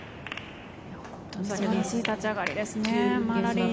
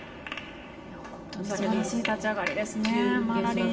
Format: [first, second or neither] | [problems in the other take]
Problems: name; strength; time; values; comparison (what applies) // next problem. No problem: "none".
first | room echo; dies away in 0.4 s